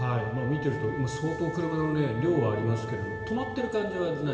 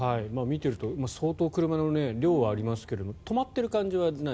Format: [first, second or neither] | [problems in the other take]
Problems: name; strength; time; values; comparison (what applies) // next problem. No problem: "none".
second | background sound (Wind instrument, woodwind instrument); 9 dB below the speech // room echo; dies away in 2.6 s